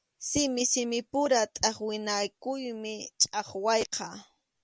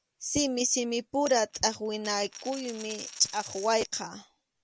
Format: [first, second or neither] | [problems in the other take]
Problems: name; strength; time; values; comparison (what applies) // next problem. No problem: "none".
first | background sound (Coin (dropping)); 15 dB below the speech